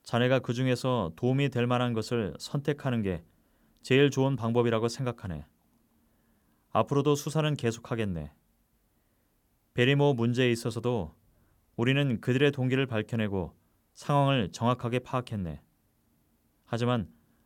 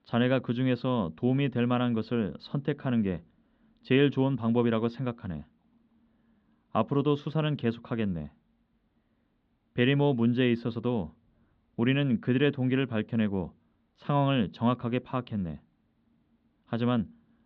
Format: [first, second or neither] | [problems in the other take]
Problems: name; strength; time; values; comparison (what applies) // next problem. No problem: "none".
first | muffled; slightly; fading above 4 kHz